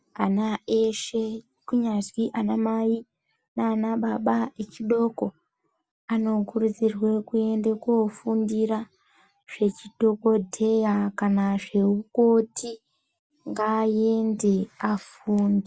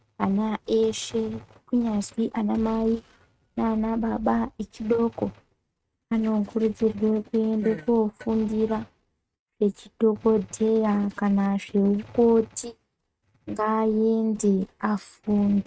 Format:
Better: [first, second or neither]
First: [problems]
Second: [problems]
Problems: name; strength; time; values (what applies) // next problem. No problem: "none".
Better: first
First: none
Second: noise reduction (neural mask model RNNoise)